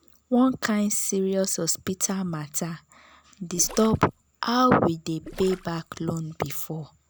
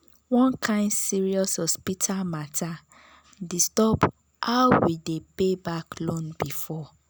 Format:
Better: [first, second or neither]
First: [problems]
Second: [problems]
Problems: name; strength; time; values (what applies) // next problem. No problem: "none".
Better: second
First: background sound (Gurgling); 18 dB below the speech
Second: none